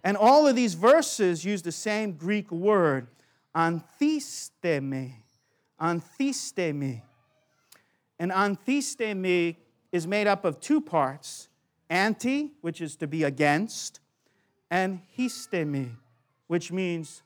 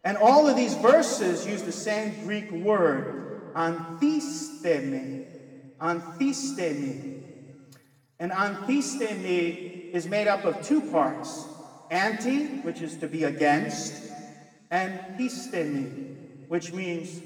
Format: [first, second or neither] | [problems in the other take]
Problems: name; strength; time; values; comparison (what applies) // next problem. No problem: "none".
first | room echo; noticeable; dies away in 1.7 s // off-mic speech; far